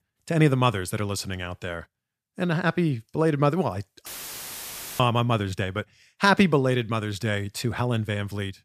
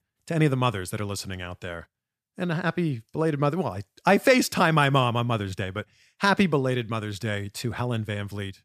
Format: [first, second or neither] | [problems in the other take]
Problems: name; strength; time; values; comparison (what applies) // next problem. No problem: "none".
second | audio cutting out; filled with static; at 4 s for 1 s